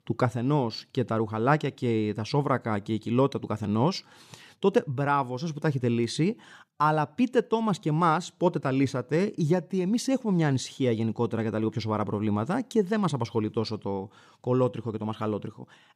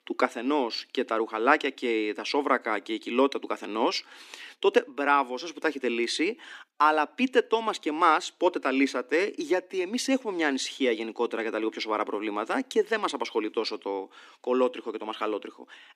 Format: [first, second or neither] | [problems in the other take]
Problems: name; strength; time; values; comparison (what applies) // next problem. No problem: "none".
first | thin; somewhat; fading below 250 Hz